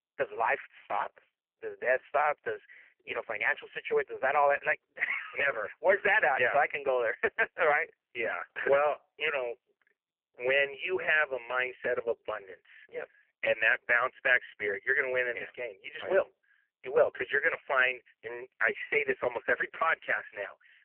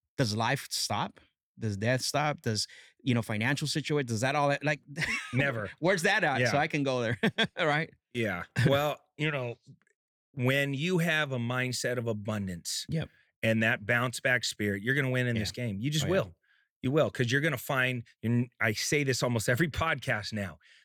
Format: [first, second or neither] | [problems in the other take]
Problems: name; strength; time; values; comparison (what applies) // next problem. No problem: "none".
second | phone-call audio; poor line; nothing above 3 kHz